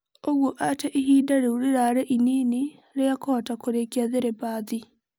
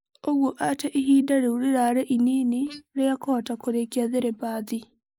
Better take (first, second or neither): first